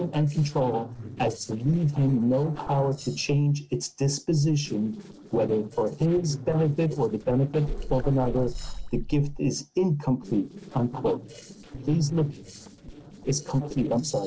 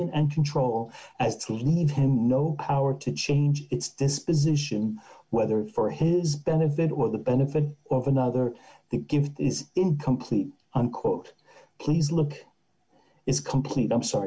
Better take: second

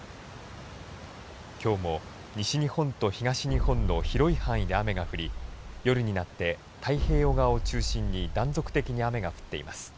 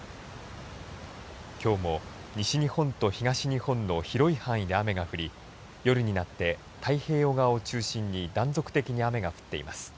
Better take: second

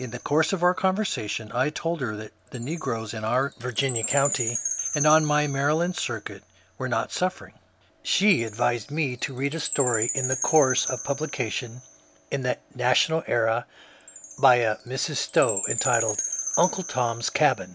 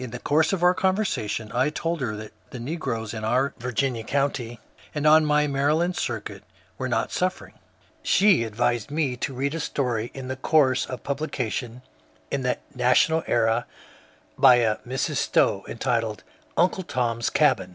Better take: second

